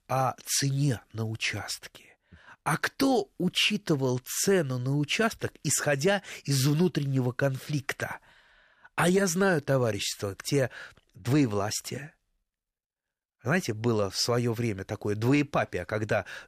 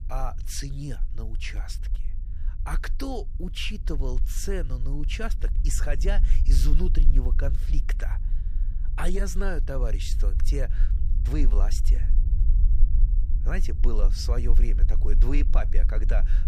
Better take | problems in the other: first | low rumble; noticeable; throughout; 15 dB below the speech

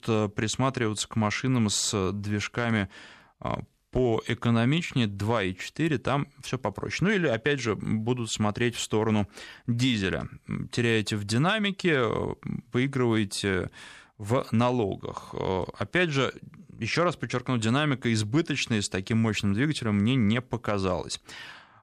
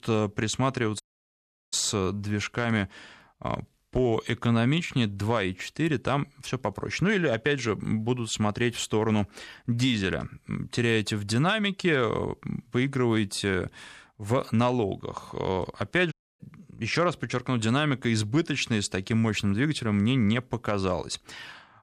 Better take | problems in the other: first | audio cutting out; at 1 s for 0.5 s and at 16 s

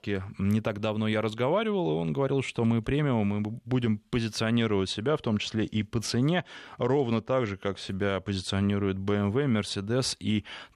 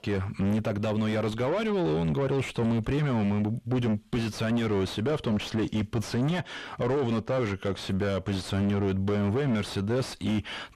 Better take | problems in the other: first | distortion; heavy; 6 dB below the speech

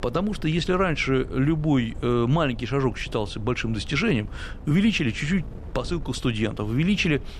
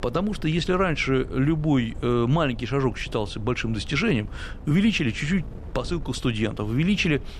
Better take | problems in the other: neither | wind noise on the microphone; occasional gusts; 20 dB below the speech; the same in both

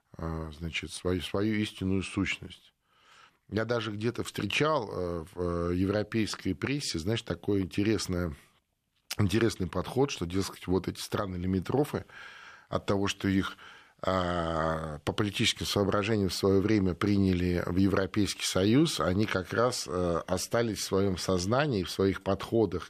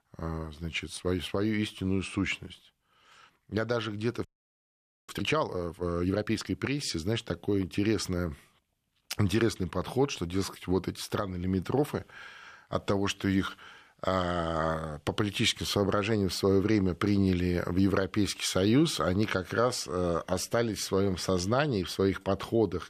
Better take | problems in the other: first | audio freezing; at 4.5 s for 1 s

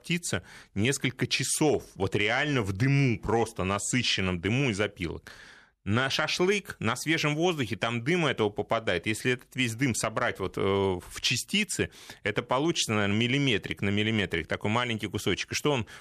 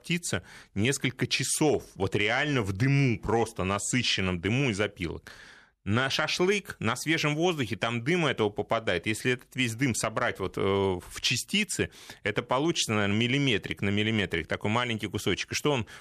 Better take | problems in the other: neither | none

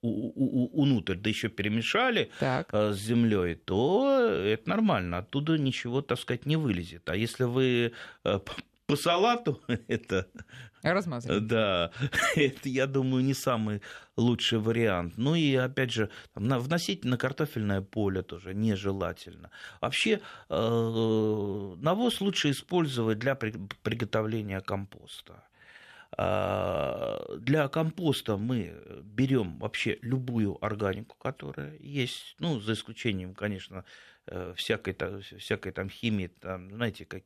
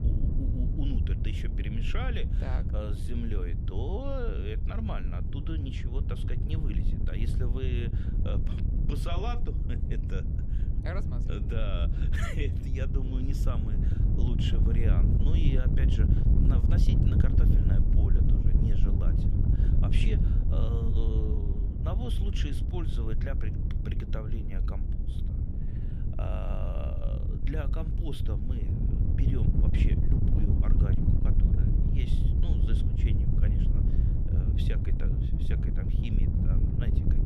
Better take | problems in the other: first | wind noise on the microphone; heavy; as loud as the speech

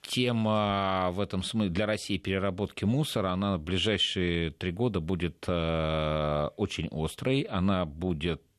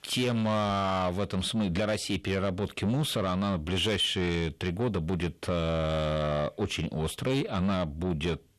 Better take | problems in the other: first | distortion; slight; 10 dB below the speech

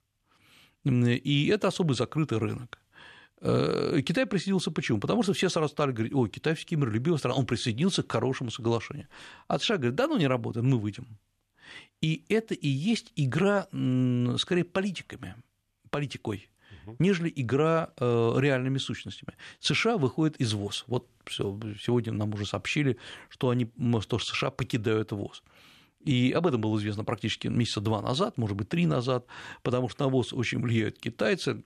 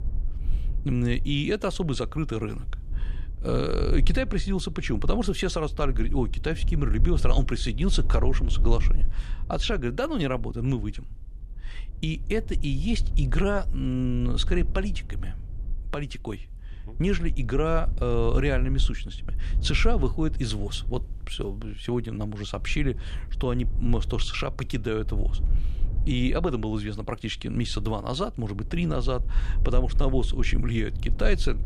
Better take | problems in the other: first | low rumble; noticeable; throughout; 20 dB below the speech

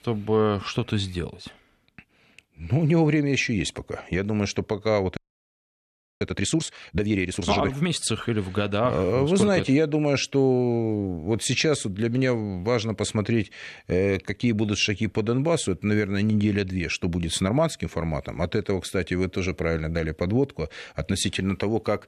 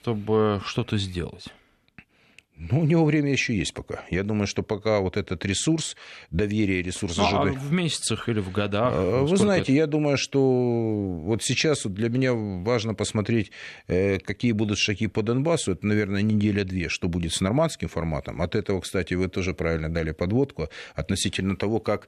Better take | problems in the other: second | audio freezing; at 5 s for 1 s

